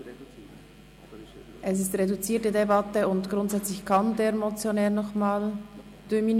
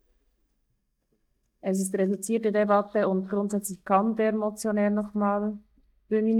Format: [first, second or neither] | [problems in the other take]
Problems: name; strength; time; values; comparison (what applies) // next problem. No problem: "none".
first | noise reduction (neural mask model DeepFilterNet 3)